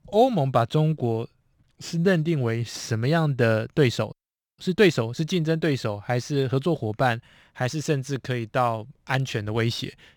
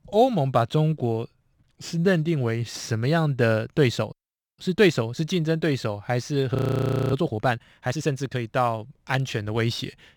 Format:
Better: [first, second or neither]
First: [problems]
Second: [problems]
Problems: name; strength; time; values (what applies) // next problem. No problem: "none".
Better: first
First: none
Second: audio freezing; at 6.5 s for 0.5 s